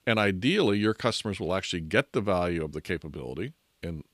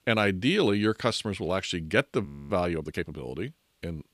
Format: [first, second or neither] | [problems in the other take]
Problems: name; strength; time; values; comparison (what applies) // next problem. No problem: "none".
first | audio freezing; at 2.5 s